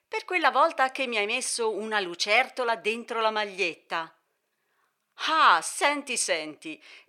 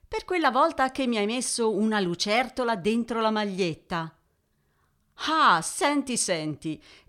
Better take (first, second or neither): second